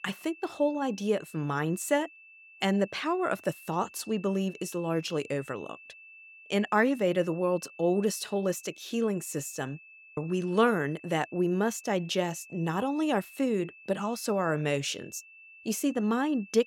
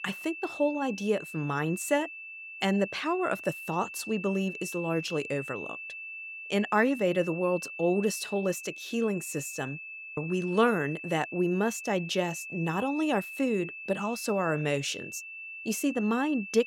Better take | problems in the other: first | high-pitched whine; loud; throughout; 2.5 kHz, 10 dB below the speech; faint in the first

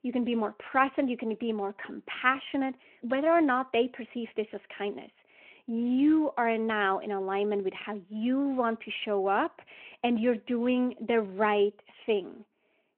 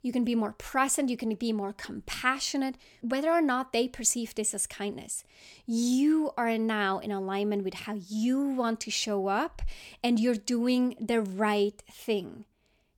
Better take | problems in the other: second | phone-call audio

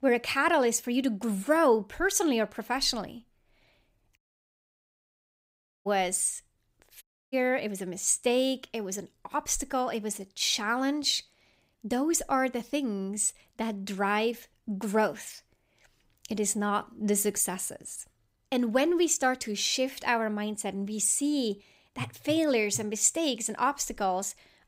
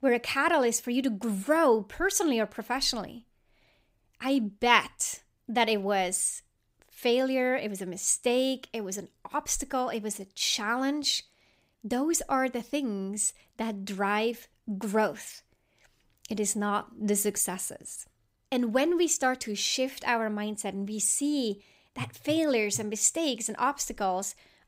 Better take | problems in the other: second | audio cutting out; at 4 s for 1.5 s and at 7 s

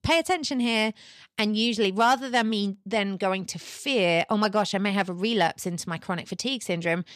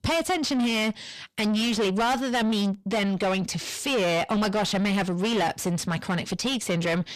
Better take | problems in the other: first | distortion; heavy; 6 dB below the speech

